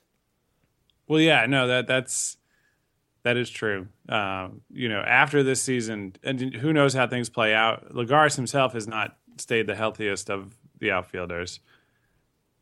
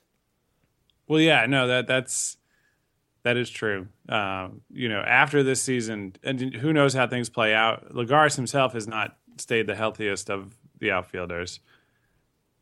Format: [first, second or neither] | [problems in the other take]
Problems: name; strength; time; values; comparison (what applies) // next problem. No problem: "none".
neither | none